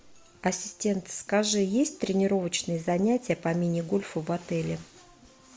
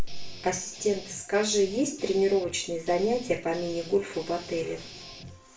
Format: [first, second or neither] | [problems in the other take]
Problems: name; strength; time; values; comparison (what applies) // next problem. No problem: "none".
first | background sound (Guitar); 17 dB below the speech // room echo; dies away in 0.3 s